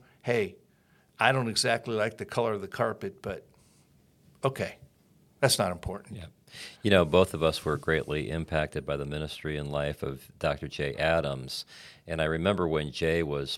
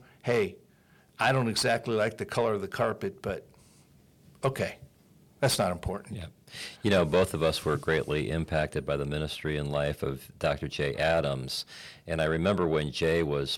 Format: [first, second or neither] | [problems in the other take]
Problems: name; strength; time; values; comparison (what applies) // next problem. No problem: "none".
first | distortion; slight; 10 dB below the speech